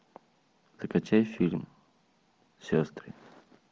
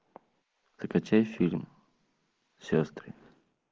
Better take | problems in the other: first | noise reduction (neural mask model Resemble Enhance denoiser)

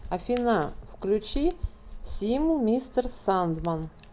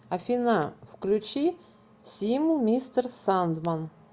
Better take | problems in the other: second | background sound (Hands); 10 dB below the speech

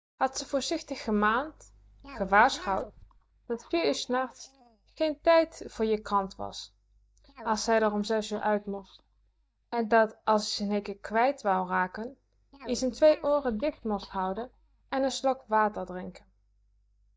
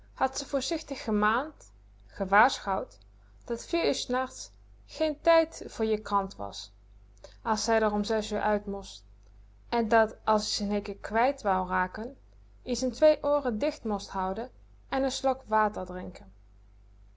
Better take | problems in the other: second | noise reduction (neural mask model DeepFilterNet 3)

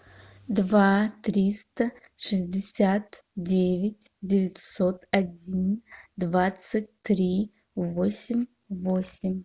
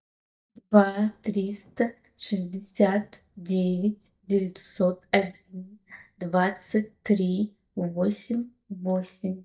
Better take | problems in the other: first | noise reduction (neural mask model DeepFilterNet 3)

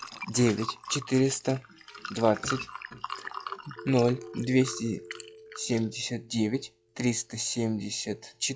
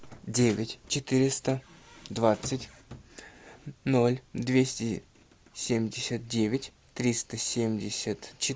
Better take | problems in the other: second | noise reduction (classical method log-MMSE)

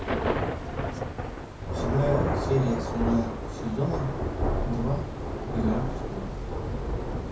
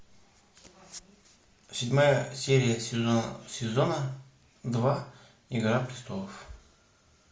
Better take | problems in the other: second | background sound (Thunder / Rain); 2 dB above the speech // room echo; dies away in 0.3 s

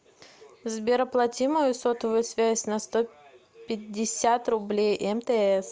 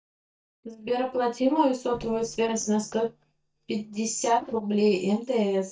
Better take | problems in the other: first | noise reduction (neural mask model DeepFilterNet 3)

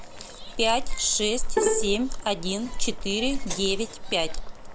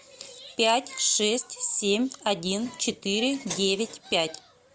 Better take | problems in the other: second | background sound (Bowed string instrument + Boiling); as loud as the speech

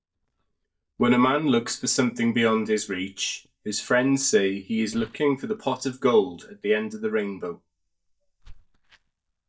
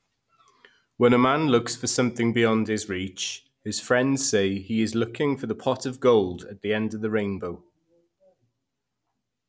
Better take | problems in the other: second | noise reduction (neural mask model DeepFilterNet 3)

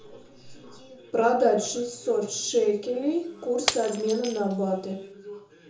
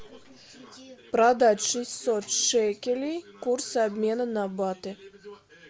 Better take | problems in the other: second | background sound (Shatter); 11 dB below the speech // room echo; dies away in 0.6 s

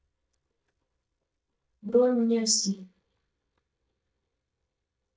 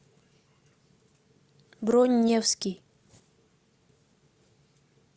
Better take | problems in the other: second | noise reduction (neural mask model DeepFilterNet 3)

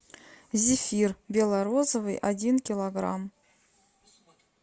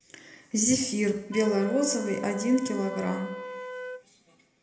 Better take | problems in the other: first | background sound (Wind instrument, woodwind instrument); 12 dB below the speech // room echo; dies away in 0.6 s

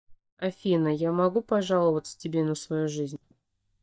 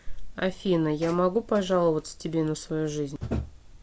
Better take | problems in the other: second | noise reduction (neural mask model DeepFilterNet 3)

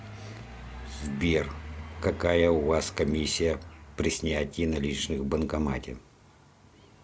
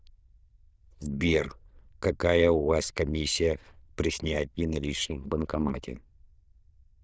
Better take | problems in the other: first | noise reduction (neural diffusion model UNIVERSE++)

